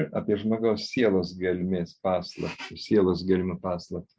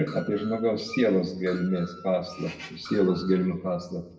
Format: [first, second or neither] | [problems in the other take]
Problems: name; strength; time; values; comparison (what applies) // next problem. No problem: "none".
first | background sound (Screech); 20 dB below the speech // room echo; dies away in 0.7 s